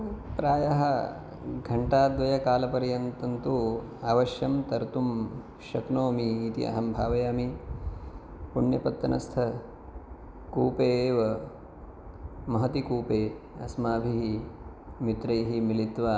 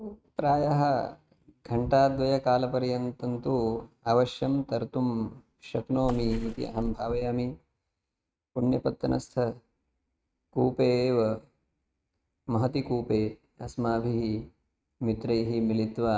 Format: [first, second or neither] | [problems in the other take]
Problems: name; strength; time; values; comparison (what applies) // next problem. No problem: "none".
first | noise reduction (neural mask model RNNoise)